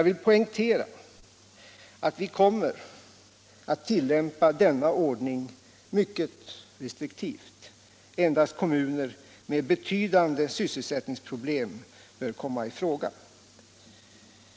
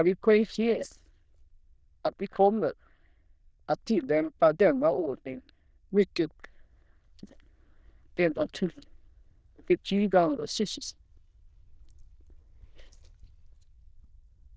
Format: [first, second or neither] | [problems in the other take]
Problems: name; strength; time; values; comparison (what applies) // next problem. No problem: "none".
first | noise reduction (neural diffusion model UNIVERSE++)